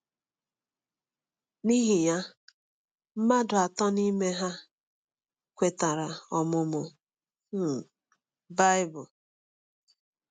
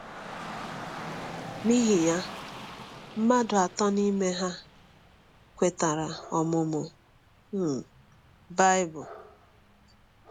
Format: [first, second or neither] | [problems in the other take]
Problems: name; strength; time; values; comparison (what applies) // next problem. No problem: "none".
first | background sound (Rain / Dog); 14 dB below the speech